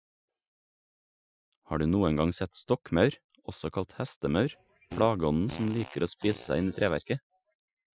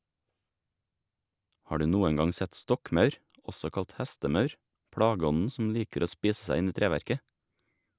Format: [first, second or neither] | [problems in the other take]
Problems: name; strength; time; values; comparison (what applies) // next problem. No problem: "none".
second | noise reduction (classical method Wiener filter)